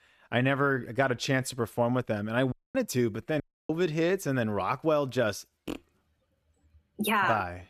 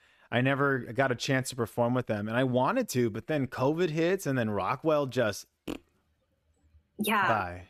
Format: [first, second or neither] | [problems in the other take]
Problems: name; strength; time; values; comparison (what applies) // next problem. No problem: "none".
second | audio cutting out; at 2.5 s and at 3.5 s